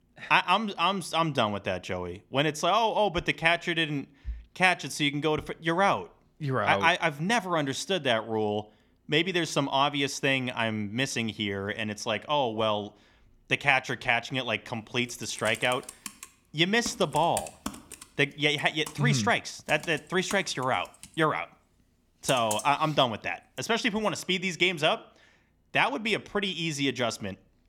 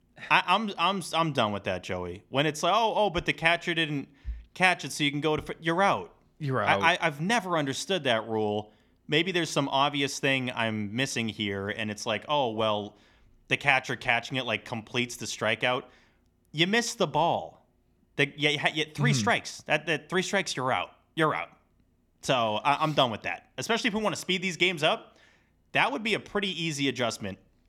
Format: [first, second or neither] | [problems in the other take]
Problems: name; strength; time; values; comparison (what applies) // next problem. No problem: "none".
second | keyboard typing; noticeable; from 15 to 23 s; peak 7 dB below the speech